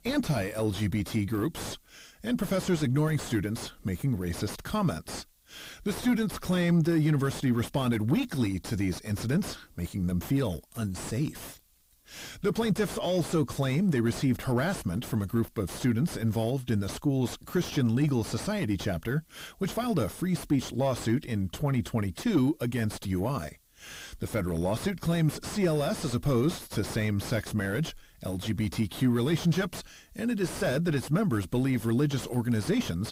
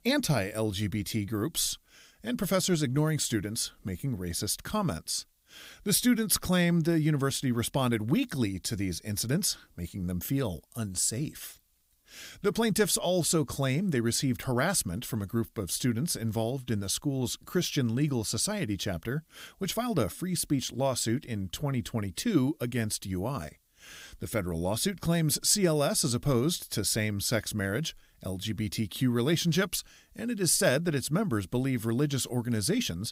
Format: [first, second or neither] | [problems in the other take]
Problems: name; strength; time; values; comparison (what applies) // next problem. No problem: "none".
second | distortion; heavy; 6 dB below the speech